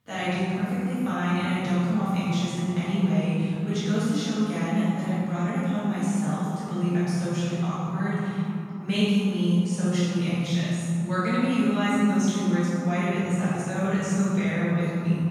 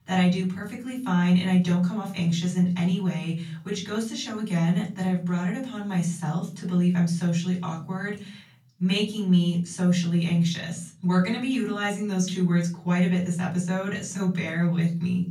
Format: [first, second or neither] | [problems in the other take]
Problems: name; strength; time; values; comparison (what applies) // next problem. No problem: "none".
second | room echo; strong; dies away in 3 s; slight in the second // off-mic speech; far; far in the second